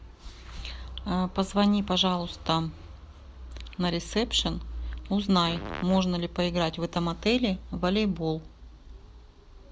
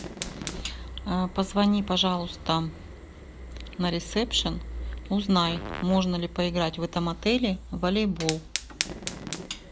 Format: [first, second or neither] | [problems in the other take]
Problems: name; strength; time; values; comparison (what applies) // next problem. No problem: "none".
first | background sound (Fire); 13 dB below the speech